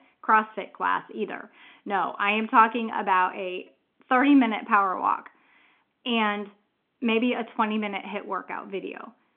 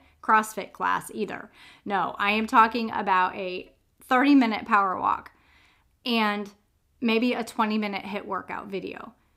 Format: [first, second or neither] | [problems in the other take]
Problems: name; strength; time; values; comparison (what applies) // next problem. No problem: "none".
second | phone-call audio; nothing above 3.5 kHz